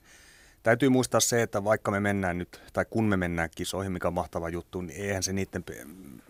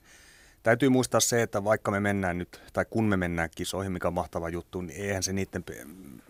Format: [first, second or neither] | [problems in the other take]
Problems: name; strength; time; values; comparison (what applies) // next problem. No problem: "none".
neither | none